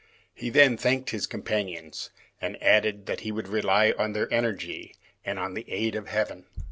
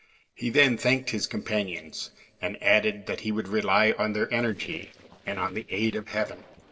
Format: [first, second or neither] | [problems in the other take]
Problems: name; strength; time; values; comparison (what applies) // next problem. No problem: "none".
first | noise reduction (neural separator model SepFormer DNS4)